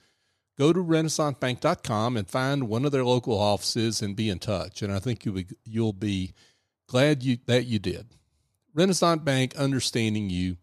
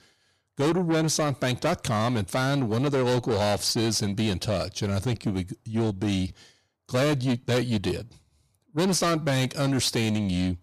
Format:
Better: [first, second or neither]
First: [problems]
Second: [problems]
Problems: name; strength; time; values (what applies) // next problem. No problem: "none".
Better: first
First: none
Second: distortion; heavy; 8 dB below the speech